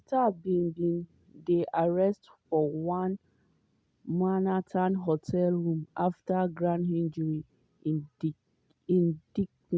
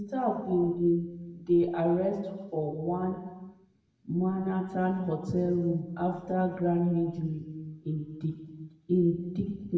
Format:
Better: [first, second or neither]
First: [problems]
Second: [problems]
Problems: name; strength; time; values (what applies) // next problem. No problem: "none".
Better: first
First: none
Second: room echo; dies away in 1.2 s